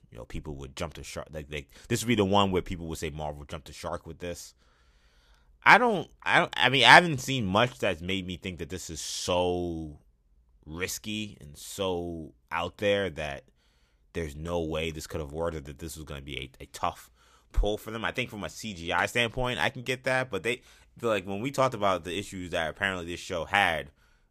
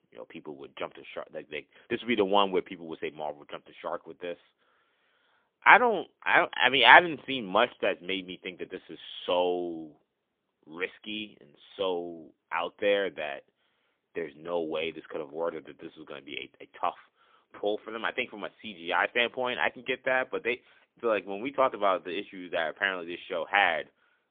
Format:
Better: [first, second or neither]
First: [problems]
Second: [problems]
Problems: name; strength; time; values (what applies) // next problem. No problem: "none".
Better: first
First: none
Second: phone-call audio; poor line; nothing above 3.5 kHz